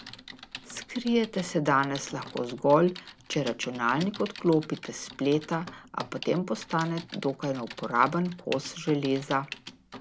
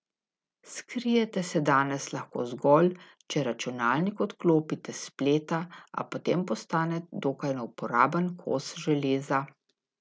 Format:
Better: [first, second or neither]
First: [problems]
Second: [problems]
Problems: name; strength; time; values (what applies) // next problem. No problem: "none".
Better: second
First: background sound (Typing); 16 dB below the speech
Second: none